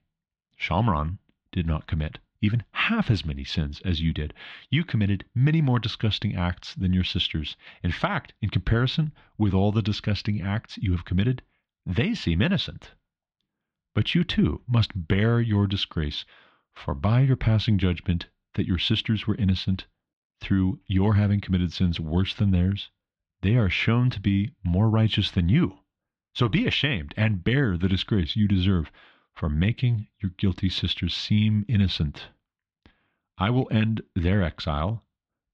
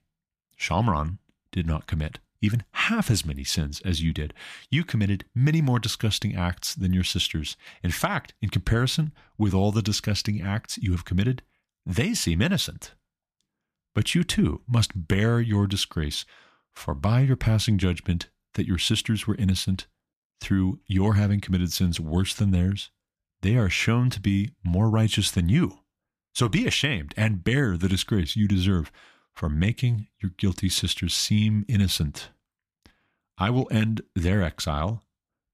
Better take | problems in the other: second | muffled; slightly; fading above 3.5 kHz

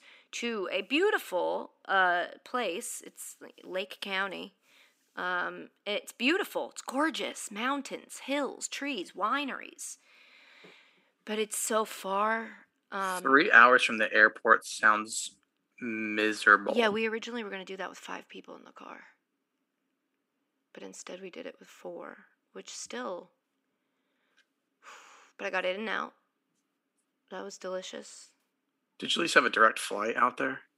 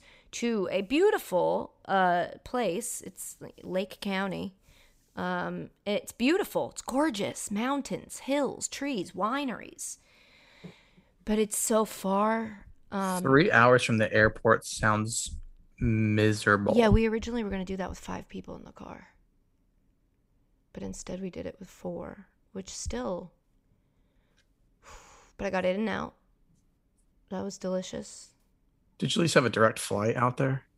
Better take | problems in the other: second | thin; somewhat; fading below 250 Hz

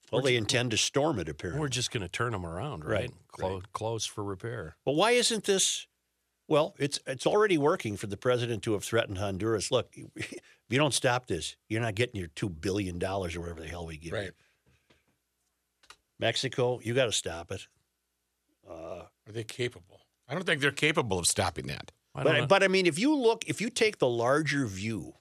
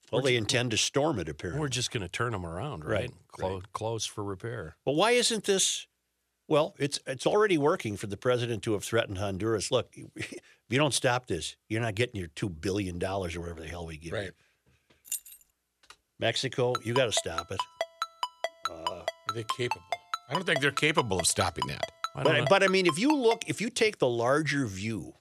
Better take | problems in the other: first | jangling keys; noticeable; at 15 s; peak 7 dB below the speech // phone ringing; noticeable; from 17 to 23 s; peak 6 dB below the speech

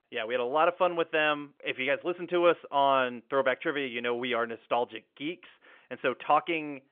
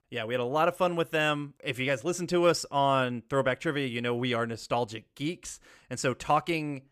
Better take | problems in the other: second | phone-call audio; nothing above 3.5 kHz

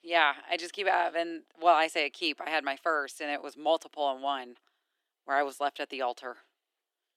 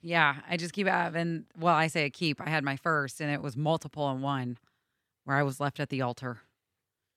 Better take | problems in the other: second | thin; very; fading below 300 Hz

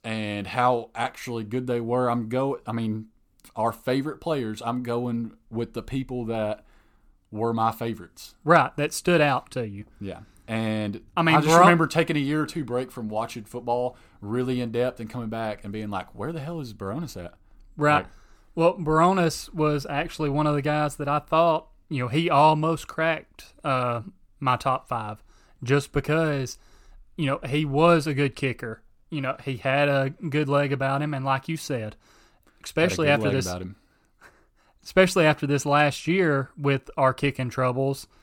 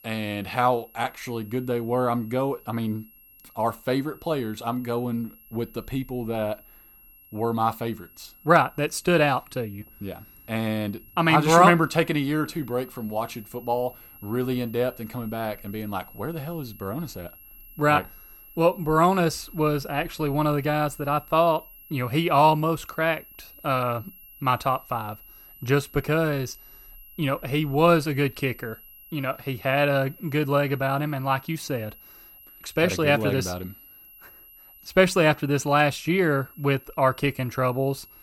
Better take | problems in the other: first | high-pitched whine; faint; throughout; 11.5 kHz, 20 dB below the speech

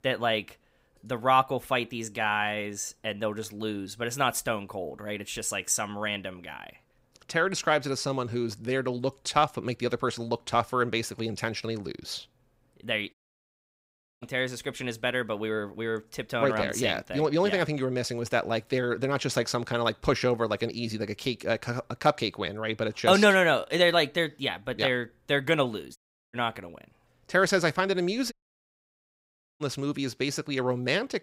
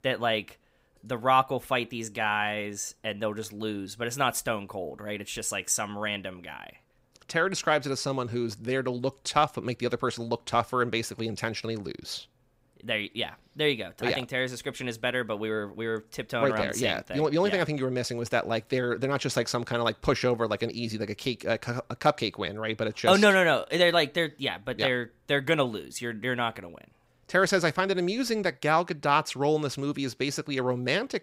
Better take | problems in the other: second | audio cutting out; at 13 s for 1 s, at 26 s and at 28 s for 1.5 s

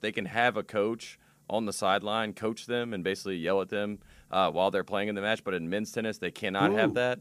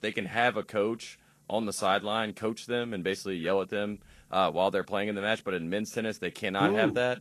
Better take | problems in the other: first | garbled, watery; slightly; nothing above 11.5 kHz

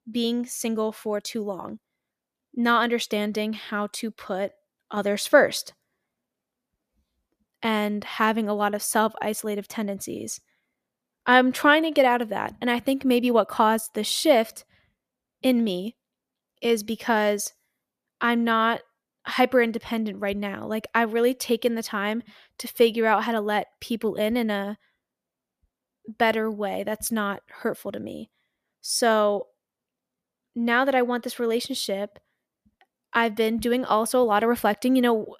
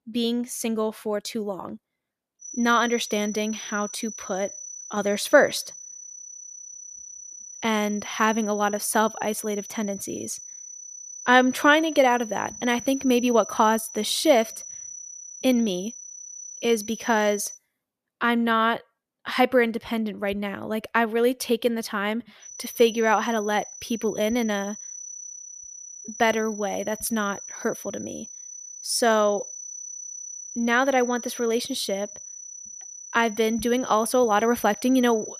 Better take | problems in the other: first | high-pitched whine; noticeable; from 2.5 to 18 s and from 22 s on; 6 kHz, 15 dB below the speech

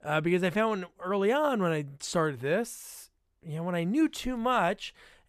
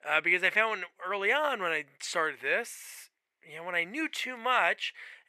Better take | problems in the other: first | thin; very; fading below 500 Hz

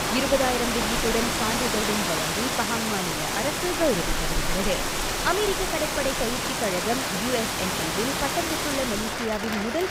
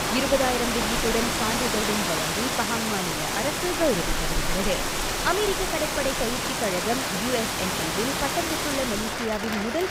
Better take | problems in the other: neither | rain or running water; very loud; throughout; 3 dB above the speech; the same in both

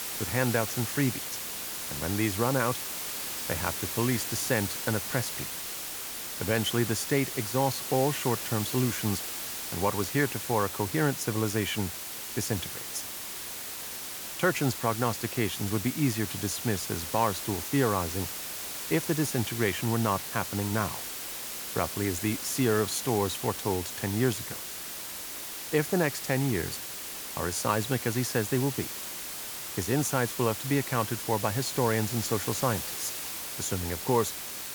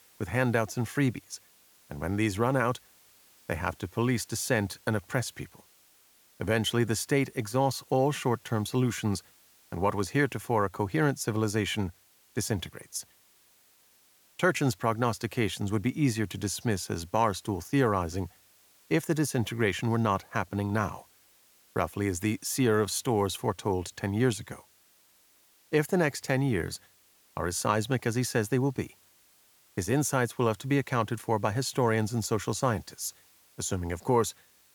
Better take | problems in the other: second | hiss; loud; throughout; 4 dB below the speech; faint in the second

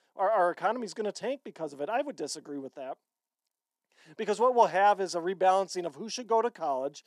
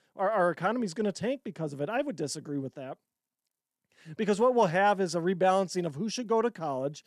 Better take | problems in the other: second | thin; somewhat; fading below 350 Hz

